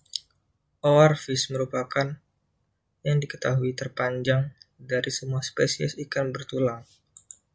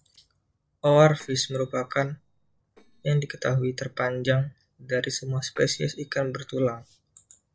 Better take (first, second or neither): first